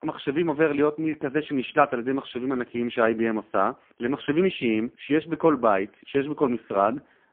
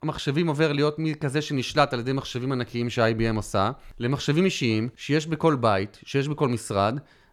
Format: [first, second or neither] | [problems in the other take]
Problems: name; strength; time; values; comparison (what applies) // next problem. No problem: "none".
second | phone-call audio; poor line